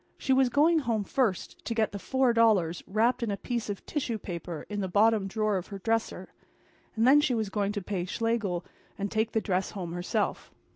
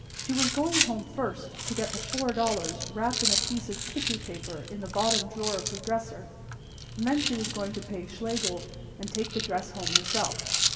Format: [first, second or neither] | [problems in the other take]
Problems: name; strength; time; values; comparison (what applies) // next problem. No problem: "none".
first | background sound (Rattle); as loud as the speech // room echo; dies away in 2 s